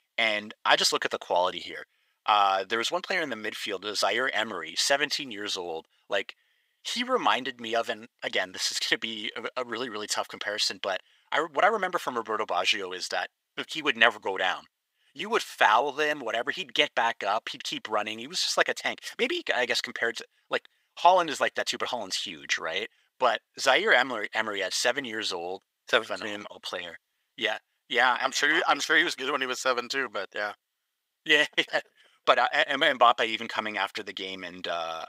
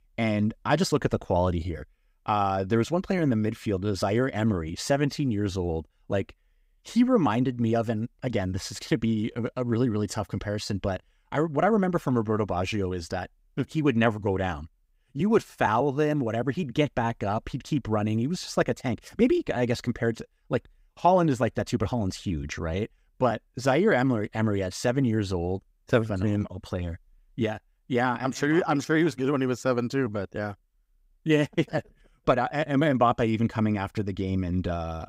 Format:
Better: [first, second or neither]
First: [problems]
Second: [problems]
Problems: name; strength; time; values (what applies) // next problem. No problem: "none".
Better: second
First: thin; very; fading below 750 Hz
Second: none